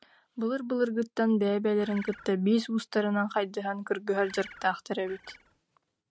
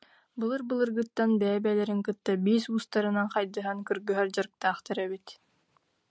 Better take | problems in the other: second | noise reduction (neural mask model RNNoise)

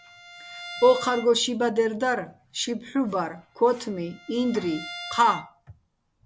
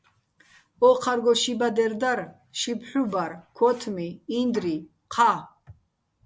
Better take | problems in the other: second | background sound (Bowed string instrument); 17 dB below the speech

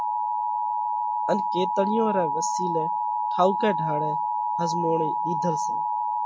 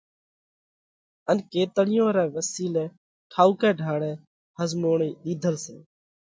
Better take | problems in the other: second | background sound (Alarm); 3 dB above the speech

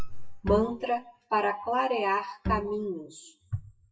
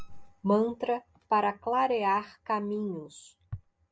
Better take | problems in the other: second | noise reduction (classical method WPE with log-MMSE)

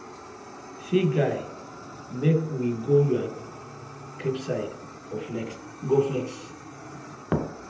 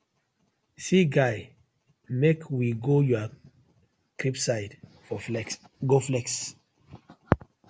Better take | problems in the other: second | background sound (Fire); 15 dB below the speech // room echo; dies away in 0.9 s

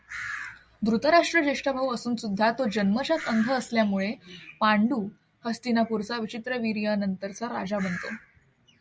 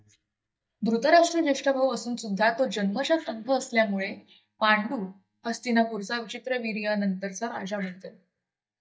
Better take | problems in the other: first | noise reduction (neural mask model DeepFilterNet 3)

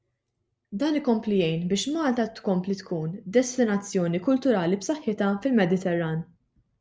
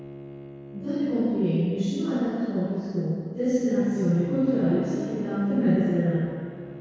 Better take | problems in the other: first | background sound (Bowed string instrument); 15 dB below the speech // room echo; dies away in 2 s

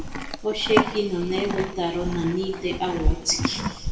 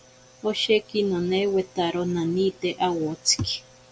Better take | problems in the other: second | background sound (Livestock, farm animals, working animals); 1 dB below the speech // room echo; dies away in 1.7 s

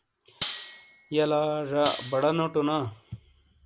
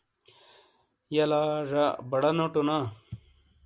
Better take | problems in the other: second | background sound (Cutlery, silverware); 13 dB below the speech

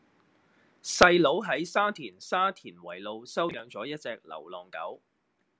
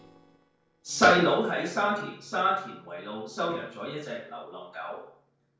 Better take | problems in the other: first | noise reduction (neural separator model SepFormer DNS4)

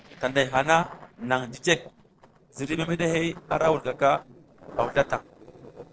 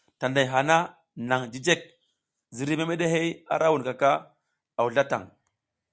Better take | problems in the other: second | noise reduction (neural separator model SepFormer DNS4)

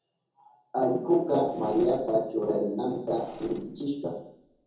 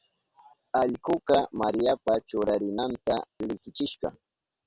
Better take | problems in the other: second | background sound (Engine / Mechanisms); 19 dB below the speech // room echo; dies away in 0.7 s

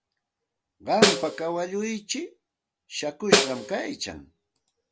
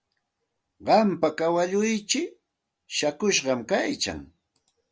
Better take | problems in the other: second | background sound (Snare drum); 4 dB above the speech

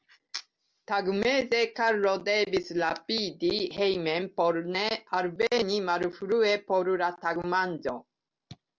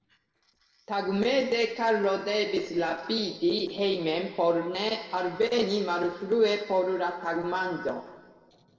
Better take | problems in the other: first | noise reduction (neural separator model SepFormer DNS4)

